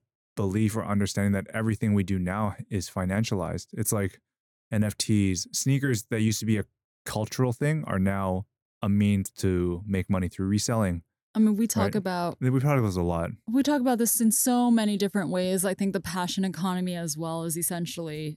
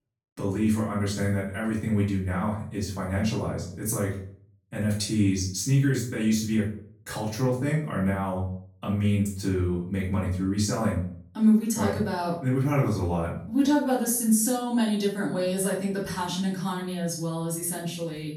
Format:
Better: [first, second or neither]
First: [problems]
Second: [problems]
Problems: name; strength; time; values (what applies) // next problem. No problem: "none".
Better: first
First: none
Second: off-mic speech; far // room echo; noticeable; dies away in 0.4 s